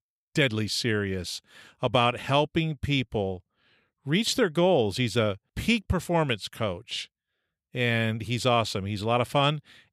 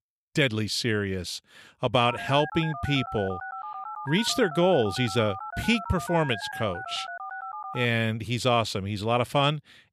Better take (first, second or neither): first